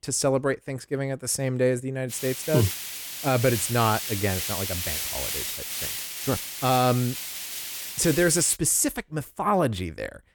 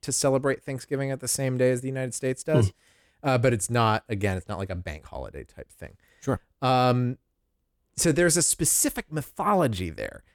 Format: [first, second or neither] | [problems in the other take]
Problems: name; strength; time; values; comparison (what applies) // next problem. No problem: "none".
second | hiss; loud; from 2 to 8.5 s; 5 dB below the speech